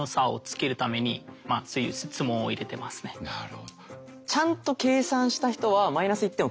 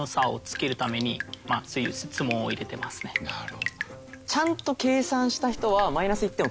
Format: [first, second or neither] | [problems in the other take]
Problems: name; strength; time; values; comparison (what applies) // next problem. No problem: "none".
first | background sound (Drip); 10 dB below the speech